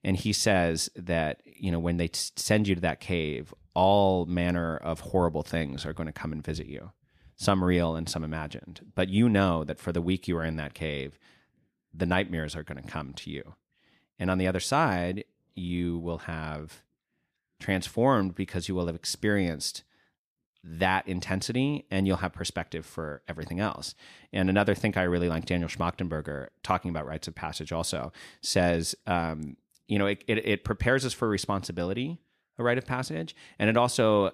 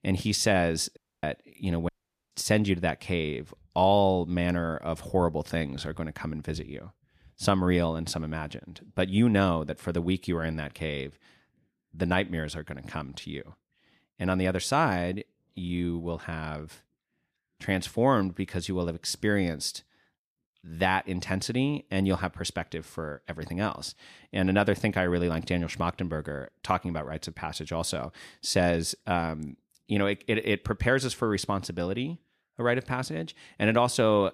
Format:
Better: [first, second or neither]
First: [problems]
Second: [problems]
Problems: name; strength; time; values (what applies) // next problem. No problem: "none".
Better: first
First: none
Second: audio cutting out; at 1 s and at 2 s